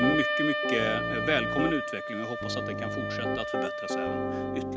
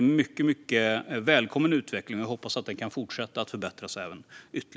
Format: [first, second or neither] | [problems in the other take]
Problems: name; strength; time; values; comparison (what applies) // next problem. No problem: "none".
second | background sound (Wind instrument, woodwind instrument + Piano); 2 dB above the speech